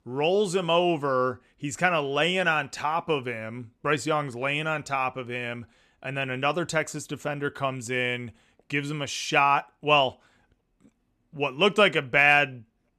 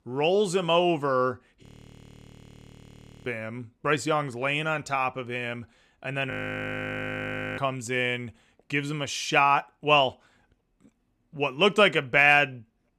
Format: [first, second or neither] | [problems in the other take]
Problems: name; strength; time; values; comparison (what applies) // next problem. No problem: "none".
first | audio freezing; at 1.5 s for 1.5 s and at 6.5 s for 1.5 s